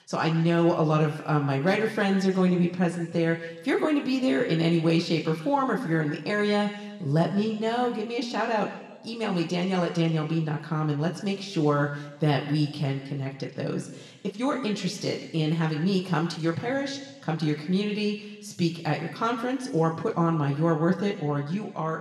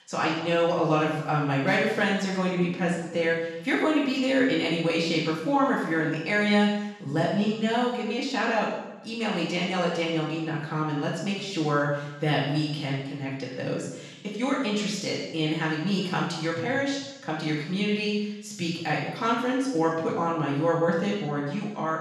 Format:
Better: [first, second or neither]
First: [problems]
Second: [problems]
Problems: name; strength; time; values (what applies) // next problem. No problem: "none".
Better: first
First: room echo; slight; dies away in 1.2 s // off-mic speech; somewhat distant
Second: room echo; strong; dies away in 0.9 s // off-mic speech; far